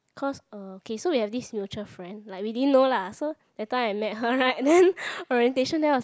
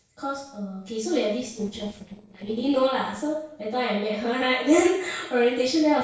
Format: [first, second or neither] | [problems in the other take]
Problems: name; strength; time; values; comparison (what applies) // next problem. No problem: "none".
first | noise reduction (neural separator model SepFormer DNS4)